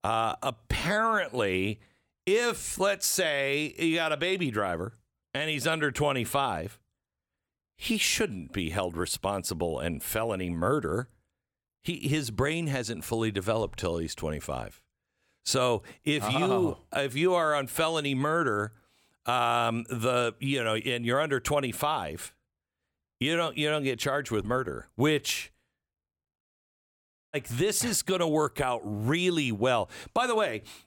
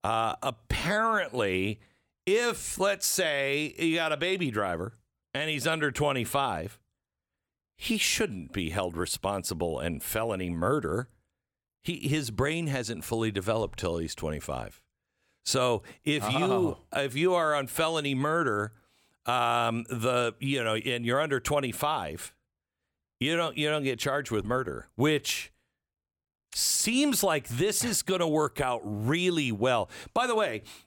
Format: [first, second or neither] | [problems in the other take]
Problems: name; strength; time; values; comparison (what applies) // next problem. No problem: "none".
second | audio cutting out; at 26 s for 1 s